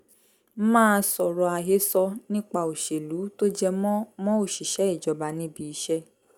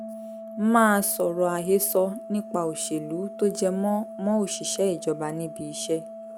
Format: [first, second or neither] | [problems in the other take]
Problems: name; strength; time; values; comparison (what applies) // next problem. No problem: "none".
first | background sound (Organ); 13 dB below the speech